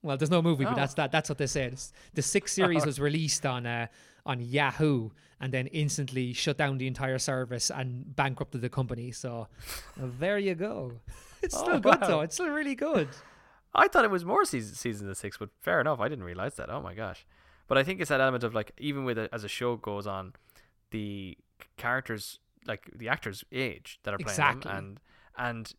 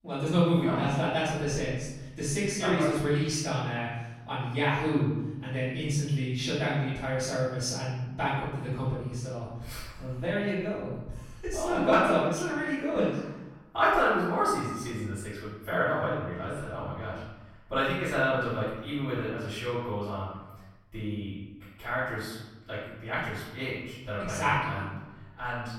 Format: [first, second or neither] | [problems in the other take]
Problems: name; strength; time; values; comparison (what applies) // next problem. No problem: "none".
first | off-mic speech; far // room echo; noticeable; dies away in 1.1 s